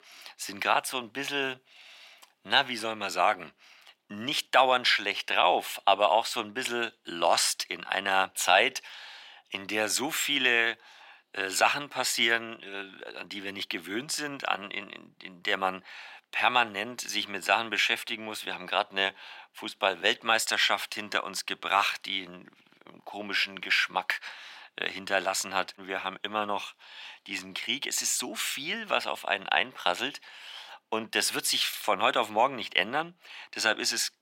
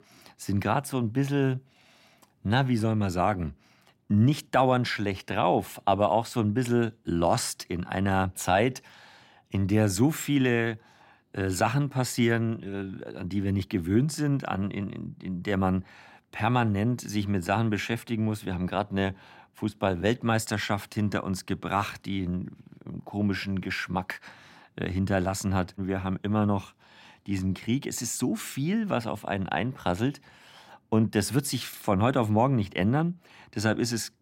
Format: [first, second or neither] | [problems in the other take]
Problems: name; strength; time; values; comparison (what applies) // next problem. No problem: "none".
second | thin; very; fading below 650 Hz